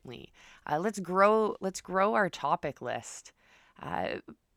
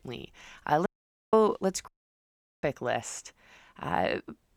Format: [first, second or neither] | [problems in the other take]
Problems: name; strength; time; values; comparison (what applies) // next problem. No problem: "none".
first | audio cutting out; at 1 s and at 2 s for 1 s